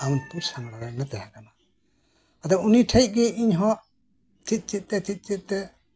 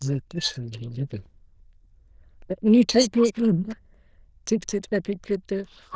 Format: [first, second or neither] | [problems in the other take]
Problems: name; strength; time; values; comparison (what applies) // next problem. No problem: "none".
first | noise reduction (neural diffusion model UNIVERSE++)